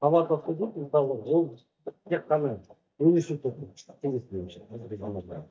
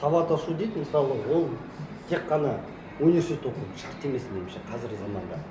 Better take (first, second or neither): second